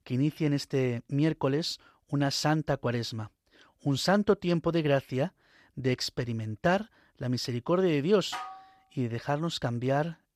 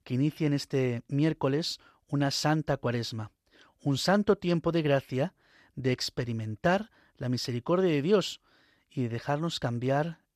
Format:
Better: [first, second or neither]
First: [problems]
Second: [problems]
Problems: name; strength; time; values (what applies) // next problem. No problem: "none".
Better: second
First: clattering dishes; faint; at 8.5 s; peak 10 dB below the speech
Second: none